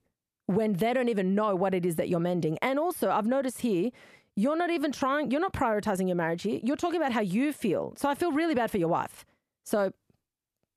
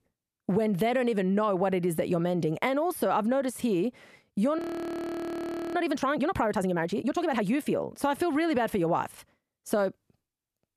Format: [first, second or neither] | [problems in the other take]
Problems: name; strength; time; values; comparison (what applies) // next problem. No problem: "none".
first | audio freezing; at 4.5 s for 1 s